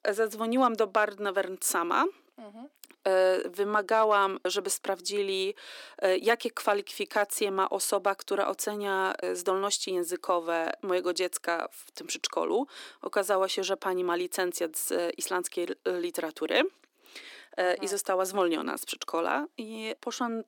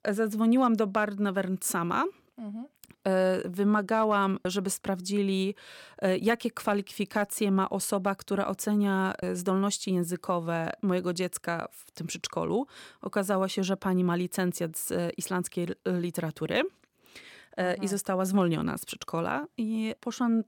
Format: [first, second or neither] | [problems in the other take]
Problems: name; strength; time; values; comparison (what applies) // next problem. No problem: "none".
second | thin; somewhat; fading below 300 Hz